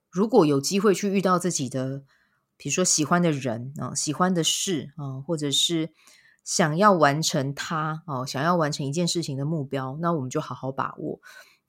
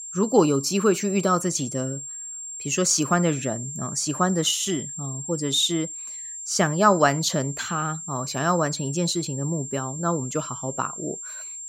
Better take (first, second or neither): first